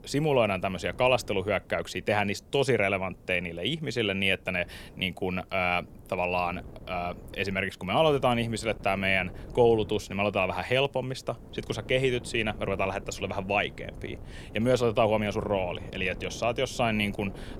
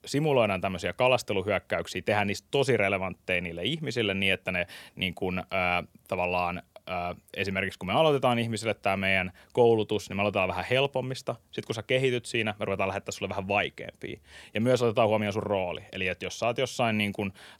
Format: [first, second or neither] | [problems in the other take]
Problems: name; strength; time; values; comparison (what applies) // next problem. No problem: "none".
second | wind noise on the microphone; occasional gusts; 25 dB below the speech